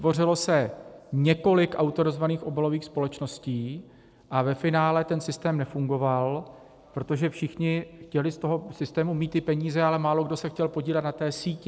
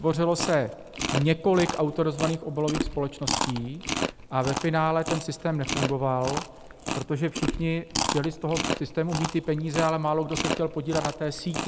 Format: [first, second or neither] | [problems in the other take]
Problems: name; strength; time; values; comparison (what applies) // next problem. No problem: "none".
first | background sound (Chewing, mastication); 5 dB below the speech